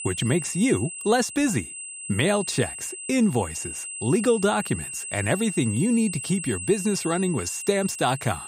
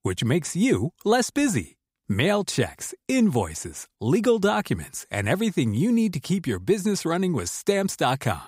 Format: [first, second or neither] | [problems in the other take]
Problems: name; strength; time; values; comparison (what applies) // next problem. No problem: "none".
second | high-pitched whine; loud; throughout; 8 kHz, 8 dB below the speech